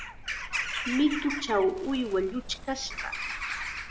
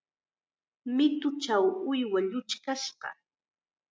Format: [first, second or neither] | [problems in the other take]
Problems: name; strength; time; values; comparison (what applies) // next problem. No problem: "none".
second | background sound (Bird vocalization, bird call, bird song / Crow); 5 dB below the speech